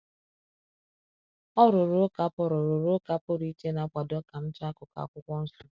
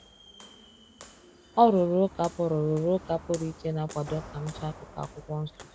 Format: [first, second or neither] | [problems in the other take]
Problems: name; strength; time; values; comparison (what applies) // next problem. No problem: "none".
first | background sound (Walk, footsteps); 18 dB below the speech